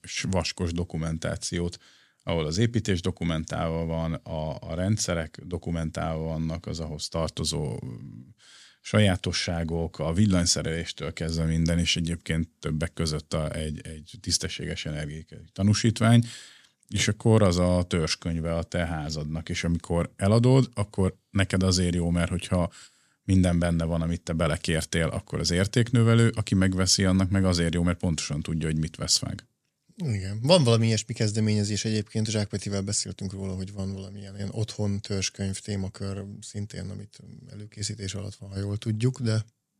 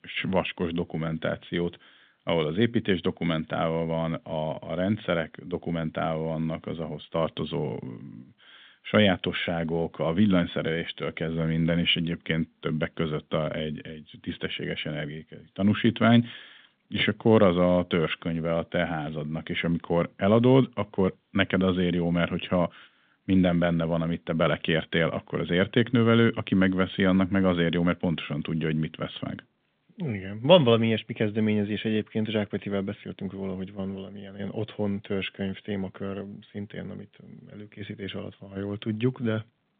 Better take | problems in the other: first | phone-call audio; nothing above 3.5 kHz

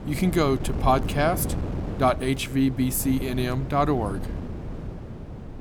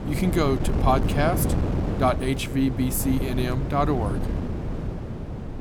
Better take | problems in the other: first | wind noise on the microphone; heavy; 8 dB below the speech; occasional gusts in the first

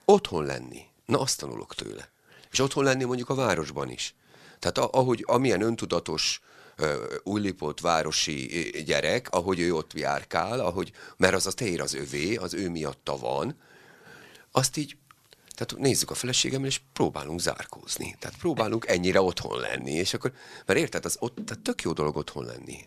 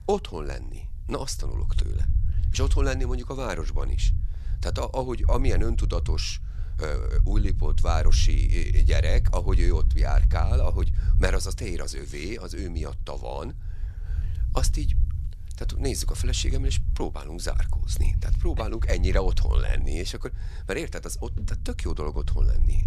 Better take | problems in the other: first | low rumble; noticeable; throughout; 15 dB below the speech

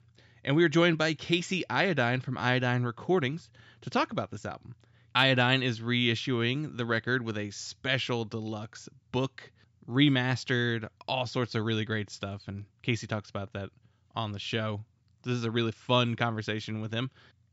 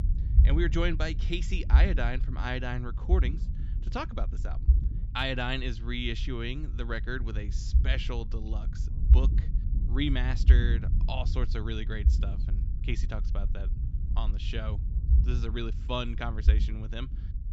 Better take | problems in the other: first | low rumble; noticeable; throughout; 10 dB below the speech

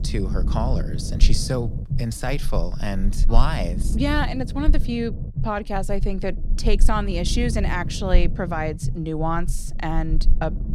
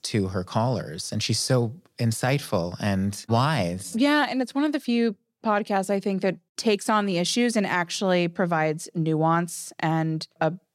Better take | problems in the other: second | low rumble; noticeable; throughout; 15 dB below the speech

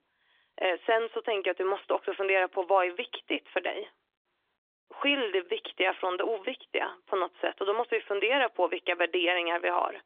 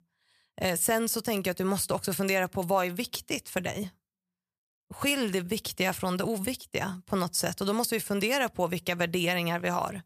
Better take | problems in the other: second | phone-call audio; nothing above 3 kHz

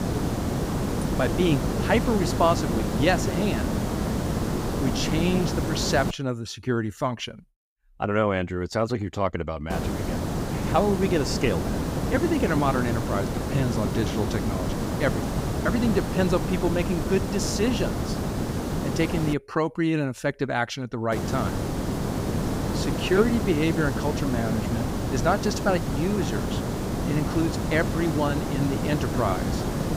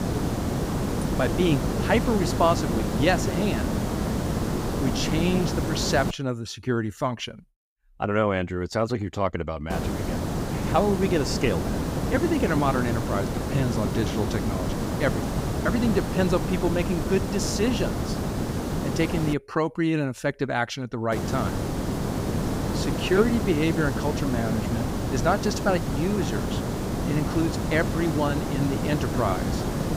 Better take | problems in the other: neither | hiss; loud; until 6 s, from 9.5 to 19 s and from 21 s on; 1 dB below the speech; the same in both

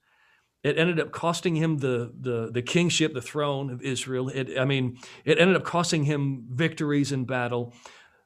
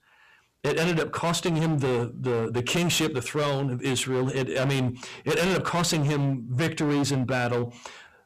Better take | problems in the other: first | distortion; heavy; 25% of the sound clipped

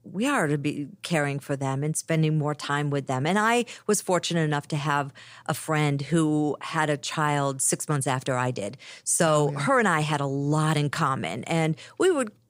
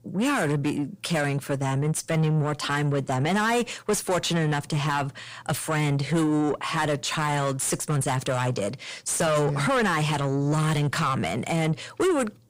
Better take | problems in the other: first | distortion; heavy; 7 dB below the speech

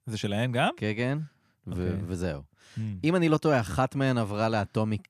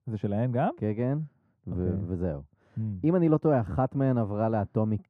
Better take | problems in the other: first | muffled; very; fading above 2 kHz

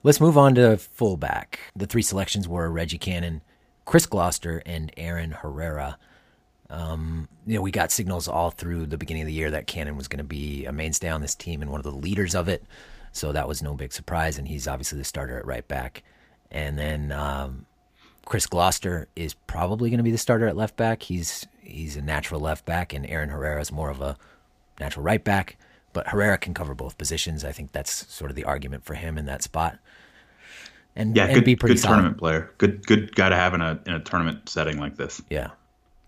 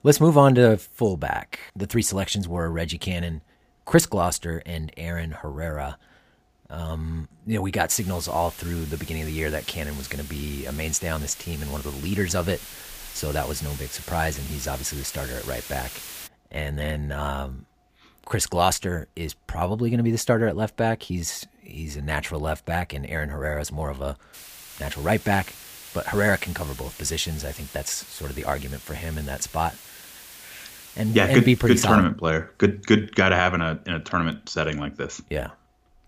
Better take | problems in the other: first | hiss; noticeable; from 8 to 16 s and from 24 to 32 s; 15 dB below the speech

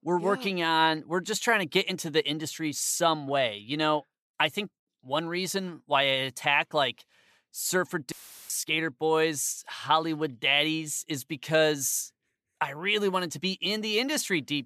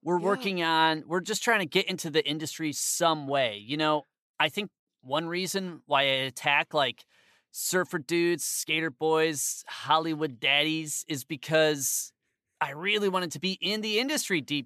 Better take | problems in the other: second | audio cutting out; filled with static; at 8 s

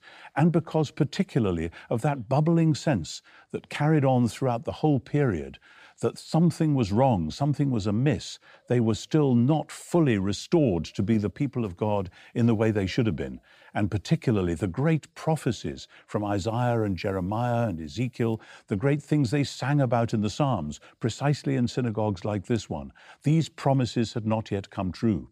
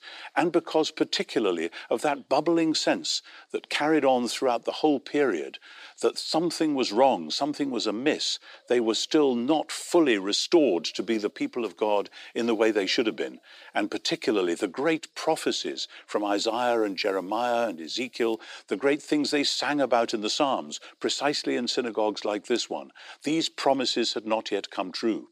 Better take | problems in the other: first | thin; somewhat; fading below 300 Hz

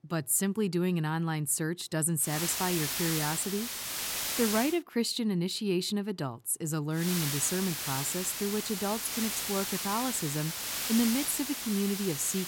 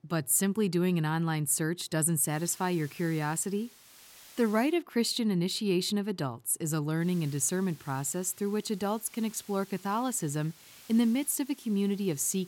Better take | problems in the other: second | hiss; loud; from 2.5 to 4.5 s and from 7 s on; 2 dB below the speech; faint in the second

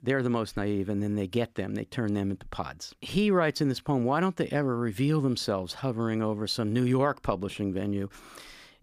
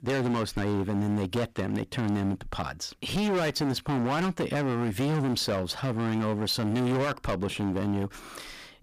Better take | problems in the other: first | distortion; heavy; 24% of the sound clipped

